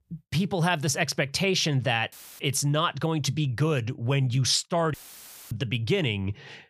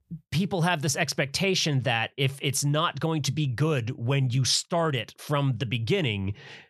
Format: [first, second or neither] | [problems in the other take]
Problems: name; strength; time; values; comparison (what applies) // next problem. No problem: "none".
second | audio cutting out; filled with static; at 2 s and at 5 s for 0.5 s